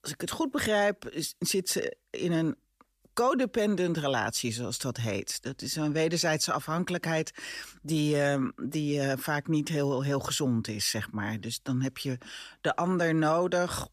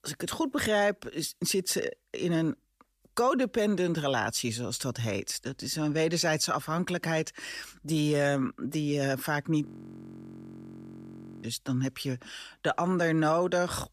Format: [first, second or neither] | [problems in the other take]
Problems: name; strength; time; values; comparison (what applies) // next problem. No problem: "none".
first | audio freezing; at 9.5 s for 2 s